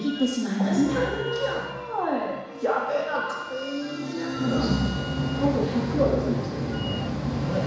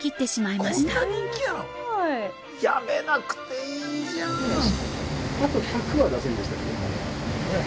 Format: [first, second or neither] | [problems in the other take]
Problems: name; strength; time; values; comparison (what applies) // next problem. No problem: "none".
second | background sound (Wind instrument, woodwind instrument); 17 dB below the speech // room echo; dies away in 1.1 s